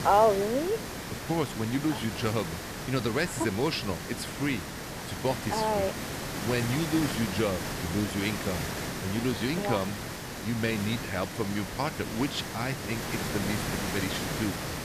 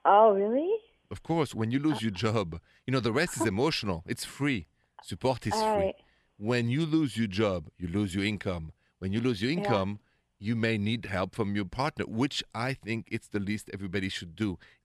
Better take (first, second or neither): second